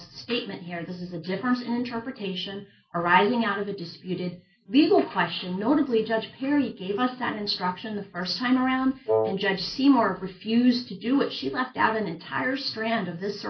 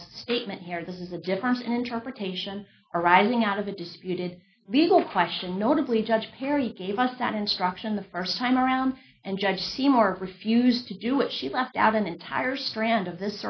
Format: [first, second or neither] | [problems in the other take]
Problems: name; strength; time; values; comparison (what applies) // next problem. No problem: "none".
second | background sound (Wind instrument, woodwind instrument); as loud as the speech // room echo; dies away in 0.2 s